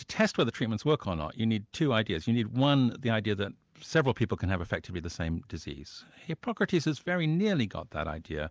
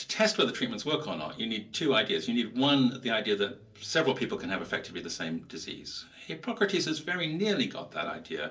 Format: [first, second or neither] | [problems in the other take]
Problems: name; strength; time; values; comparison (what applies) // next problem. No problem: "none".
first | room echo; dies away in 0.3 s